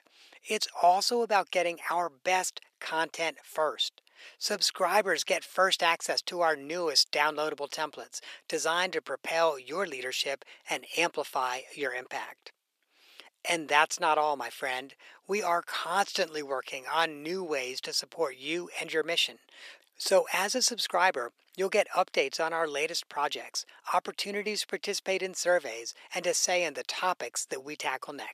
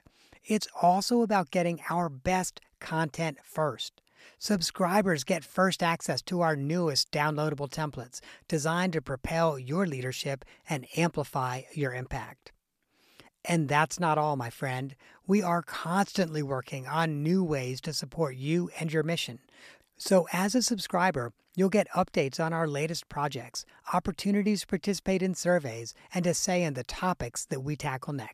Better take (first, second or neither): second